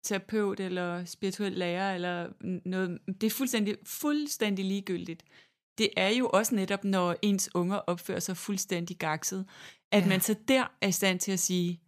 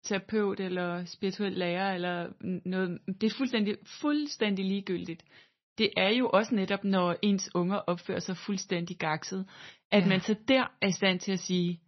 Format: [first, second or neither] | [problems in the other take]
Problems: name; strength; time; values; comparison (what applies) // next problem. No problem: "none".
first | garbled, watery; slightly; nothing above 6 kHz